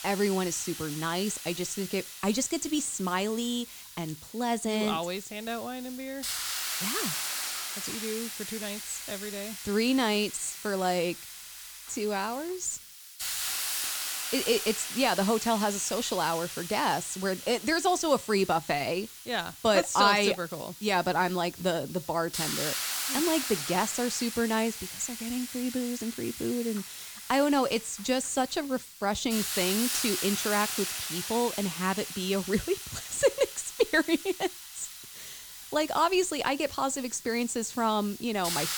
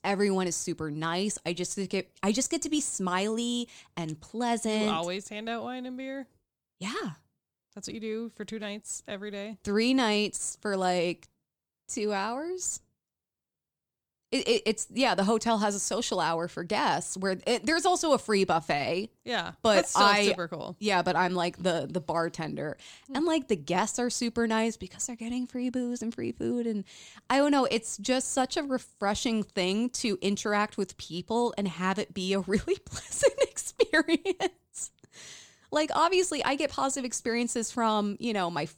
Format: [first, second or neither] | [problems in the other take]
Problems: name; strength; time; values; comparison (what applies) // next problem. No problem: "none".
second | hiss; loud; throughout; 6 dB below the speech